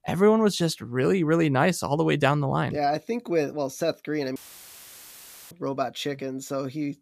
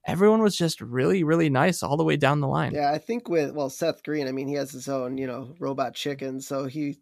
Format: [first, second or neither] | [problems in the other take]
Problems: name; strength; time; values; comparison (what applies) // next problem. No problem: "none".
second | audio cutting out; filled with static; at 4.5 s for 1 s